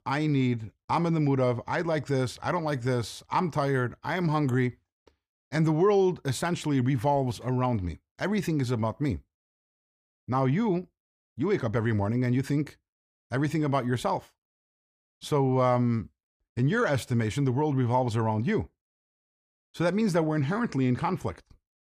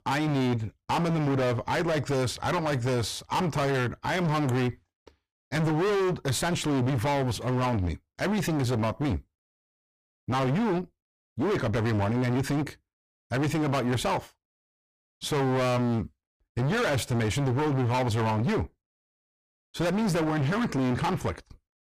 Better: first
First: none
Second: distortion; heavy; 29% of the sound clipped

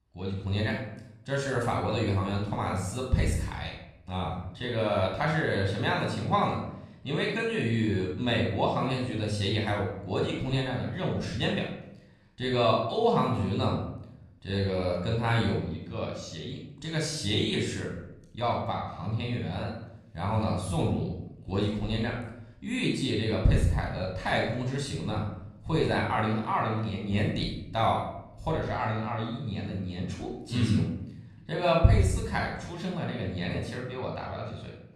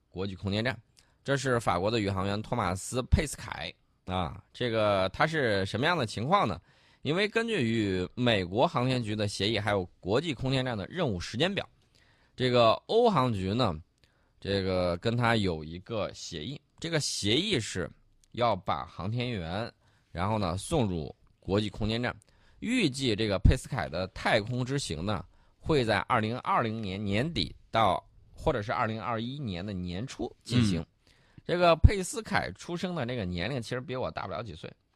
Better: second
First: off-mic speech; somewhat distant // room echo; noticeable; dies away in 0.7 s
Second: none

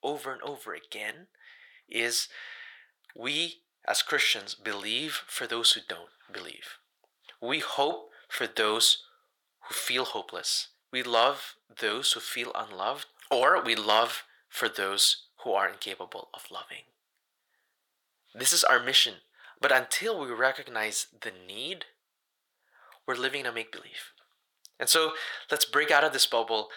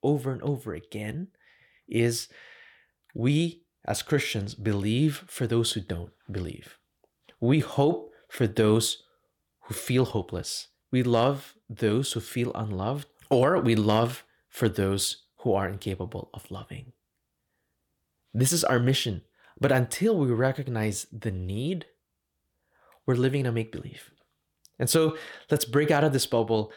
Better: second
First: thin; very; fading below 800 Hz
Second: none

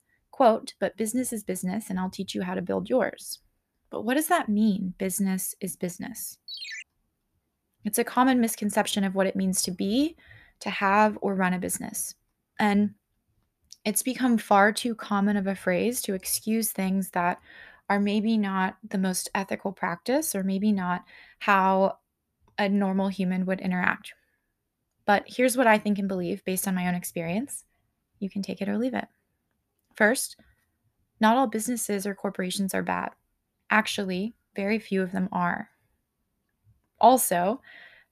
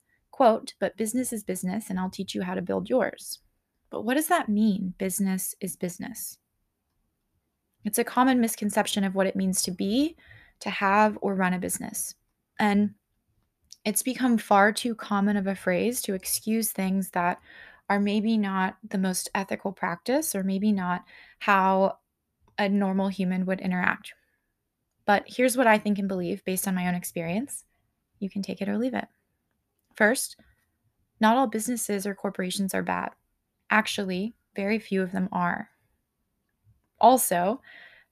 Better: second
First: phone ringing; noticeable; at 6.5 s; peak 9 dB below the speech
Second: none

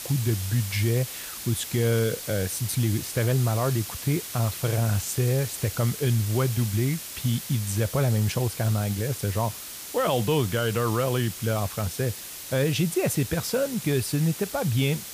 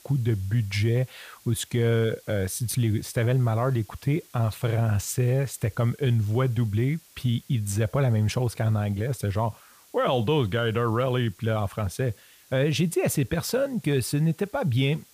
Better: second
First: hiss; loud; throughout; 8 dB below the speech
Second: hiss; faint; throughout; 25 dB below the speech

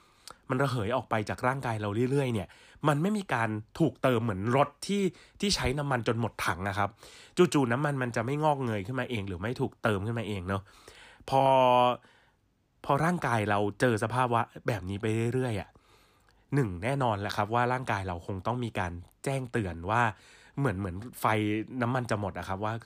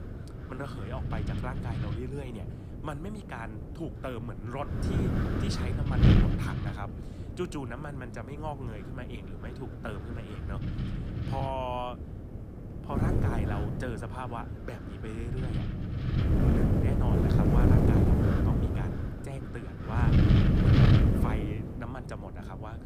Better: first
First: none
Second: wind noise on the microphone; heavy; 4 dB above the speech

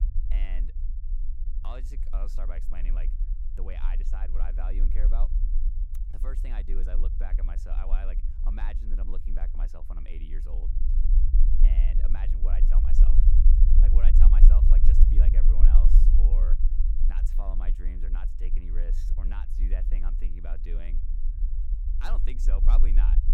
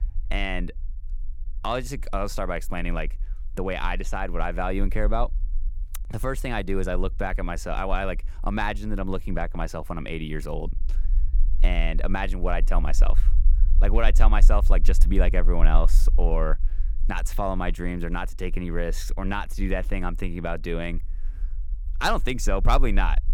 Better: second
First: low rumble; loud; throughout; 3 dB below the speech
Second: low rumble; faint; throughout; 25 dB below the speech

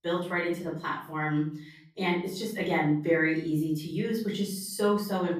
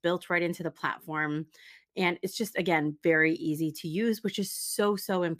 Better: second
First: off-mic speech; far // room echo; noticeable; dies away in 0.5 s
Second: none

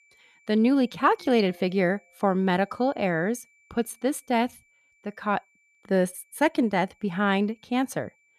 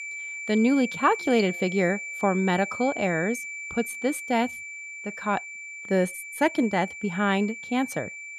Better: first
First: high-pitched whine; faint; throughout; 2.5 kHz, 35 dB below the speech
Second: high-pitched whine; loud; throughout; 2.5 kHz, 9 dB below the speech

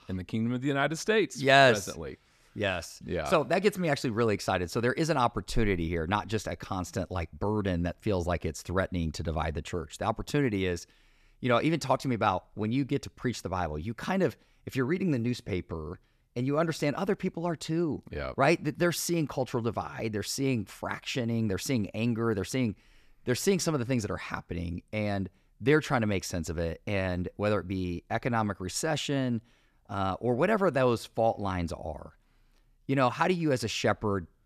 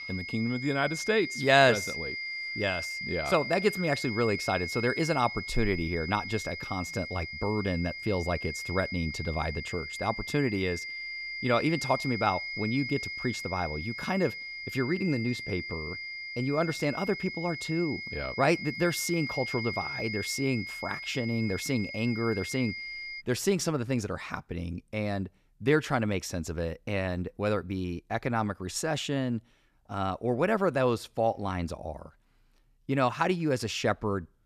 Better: first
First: none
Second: high-pitched whine; loud; until 23 s; 2 kHz, 6 dB below the speech

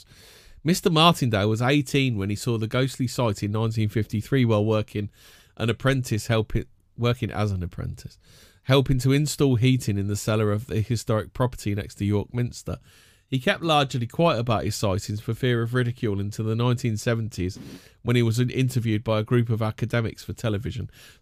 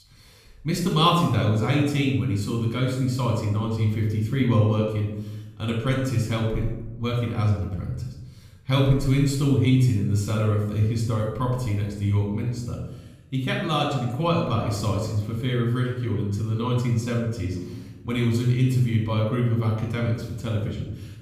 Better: first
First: none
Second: off-mic speech; somewhat distant // room echo; noticeable; dies away in 0.8 s

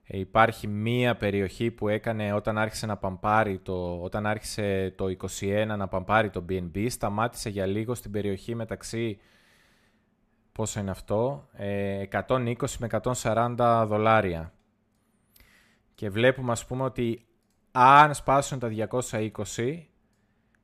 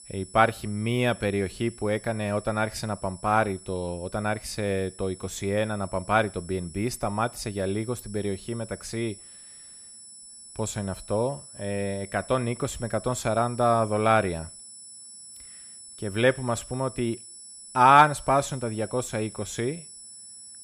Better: first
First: none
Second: high-pitched whine; noticeable; throughout; 10 kHz, 15 dB below the speech

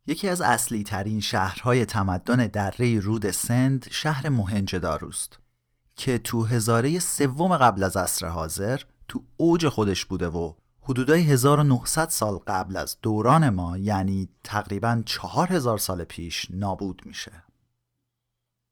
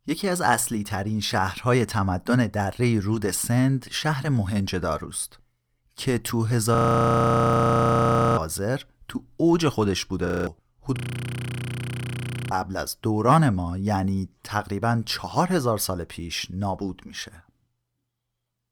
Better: first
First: none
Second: audio freezing; at 7 s for 1.5 s, at 10 s and at 11 s for 1.5 s

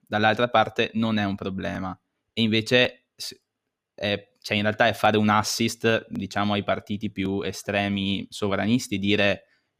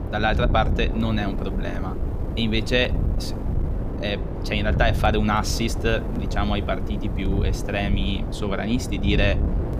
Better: first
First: none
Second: wind noise on the microphone; occasional gusts; 10 dB below the speech

